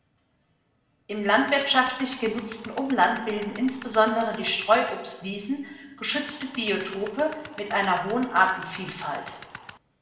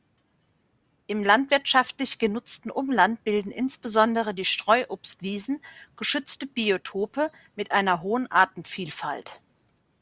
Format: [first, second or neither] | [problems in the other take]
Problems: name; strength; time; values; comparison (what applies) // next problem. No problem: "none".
second | background sound (Tools); 17 dB below the speech // room echo; dies away in 0.9 s